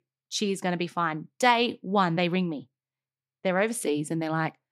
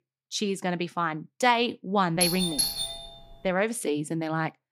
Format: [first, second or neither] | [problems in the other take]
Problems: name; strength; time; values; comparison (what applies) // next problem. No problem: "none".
first | doorbell; loud; at 2 s; peak 2 dB above the speech